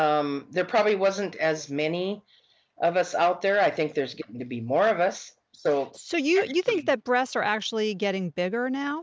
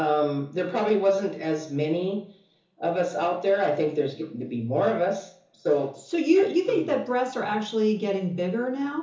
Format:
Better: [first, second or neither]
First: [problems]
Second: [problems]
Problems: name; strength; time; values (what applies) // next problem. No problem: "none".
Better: first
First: none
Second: room echo; dies away in 0.7 s